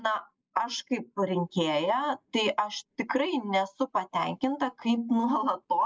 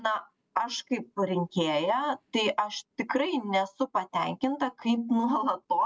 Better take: second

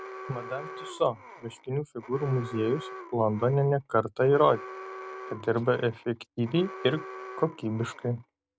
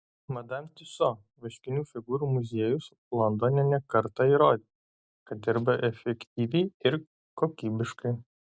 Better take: second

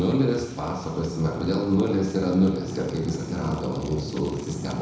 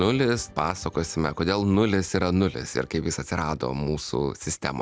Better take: second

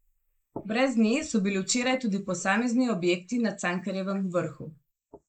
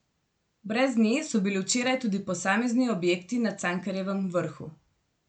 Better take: second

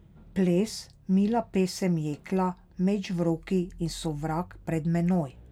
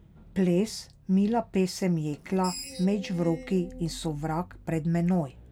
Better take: first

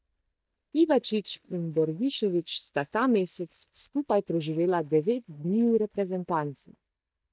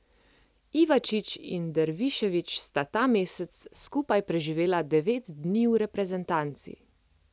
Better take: second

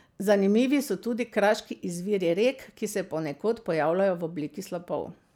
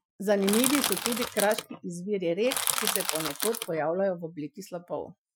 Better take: first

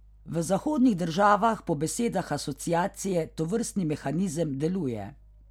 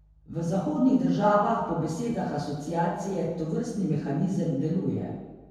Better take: first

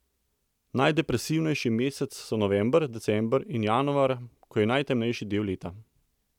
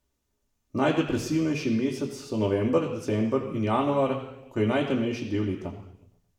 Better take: first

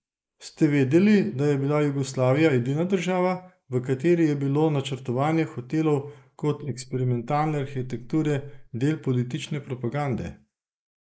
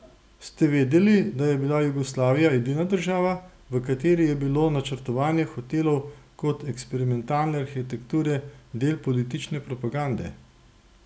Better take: second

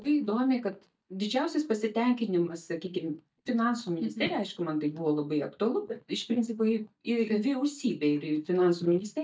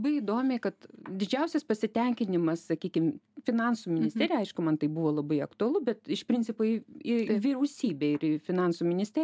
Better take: second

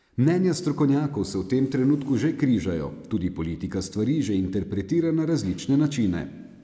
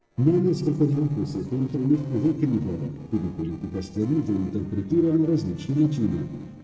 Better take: first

